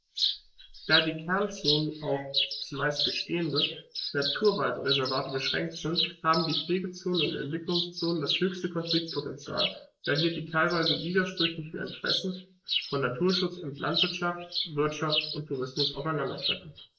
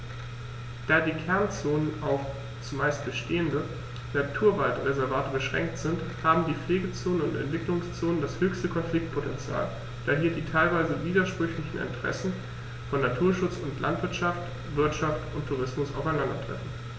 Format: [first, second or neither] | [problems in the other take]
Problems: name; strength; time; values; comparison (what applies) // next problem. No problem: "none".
second | noise reduction (neural mask model Resemble Enhance denoiser)